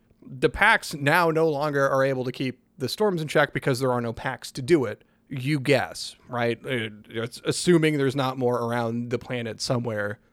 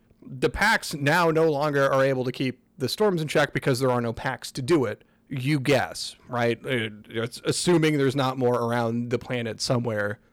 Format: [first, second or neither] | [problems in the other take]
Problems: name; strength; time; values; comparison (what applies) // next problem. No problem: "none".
first | distortion; slight; 3% of the sound clipped